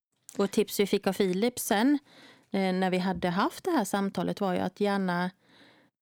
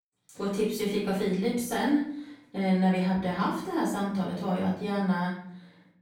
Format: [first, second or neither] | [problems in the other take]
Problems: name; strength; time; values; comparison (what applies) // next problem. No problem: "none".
first | off-mic speech; far // room echo; noticeable; dies away in 0.6 s